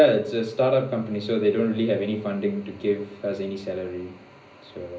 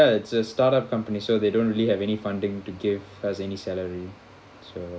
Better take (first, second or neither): second